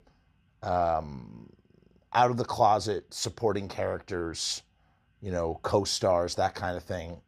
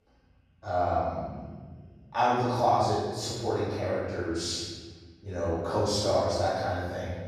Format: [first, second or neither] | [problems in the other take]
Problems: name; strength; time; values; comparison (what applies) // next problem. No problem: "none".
first | room echo; strong; dies away in 1.6 s // off-mic speech; far